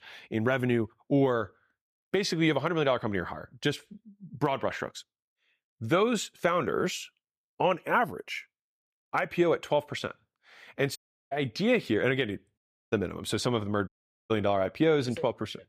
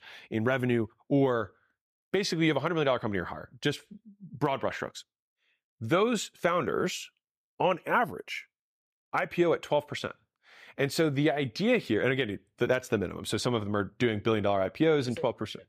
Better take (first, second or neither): second